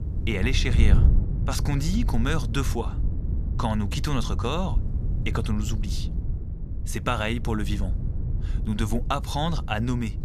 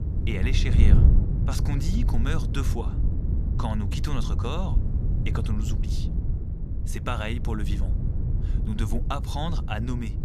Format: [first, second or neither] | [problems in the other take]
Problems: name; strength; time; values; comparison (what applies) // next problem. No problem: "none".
first | wind noise on the microphone; heavy; 6 dB below the speech; occasional gusts in the first